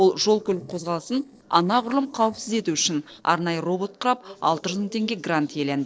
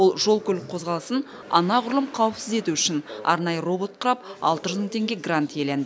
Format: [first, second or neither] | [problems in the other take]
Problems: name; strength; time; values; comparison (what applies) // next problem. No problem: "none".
second | noise reduction (neural separator model SepFormer DNS4)